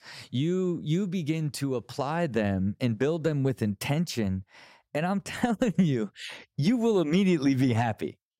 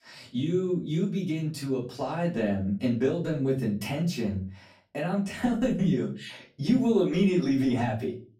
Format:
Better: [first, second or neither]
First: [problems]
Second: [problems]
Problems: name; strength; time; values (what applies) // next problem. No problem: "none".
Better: first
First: none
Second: off-mic speech; far // room echo; slight; dies away in 0.3 s